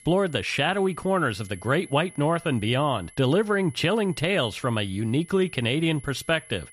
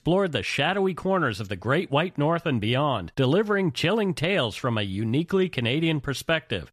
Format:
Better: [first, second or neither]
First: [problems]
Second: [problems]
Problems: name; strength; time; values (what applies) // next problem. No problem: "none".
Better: second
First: high-pitched whine; faint; throughout; 11 kHz, 20 dB below the speech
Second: none